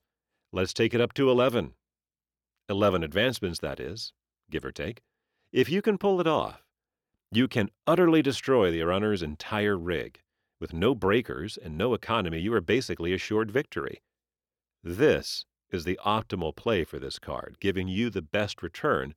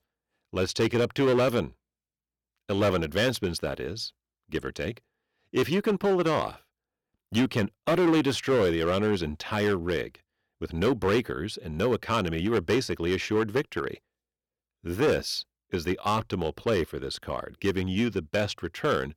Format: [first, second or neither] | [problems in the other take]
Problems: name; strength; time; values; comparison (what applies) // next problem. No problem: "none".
first | distortion; slight; 6% of the sound clipped